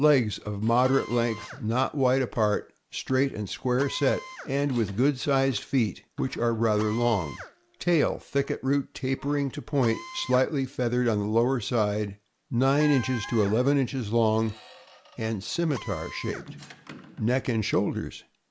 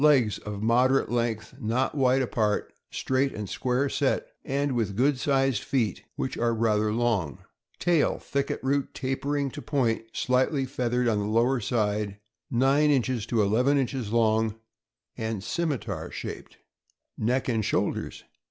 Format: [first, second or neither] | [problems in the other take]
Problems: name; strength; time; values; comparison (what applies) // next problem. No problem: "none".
second | background sound (Squeak + Drill); 19 dB below the speech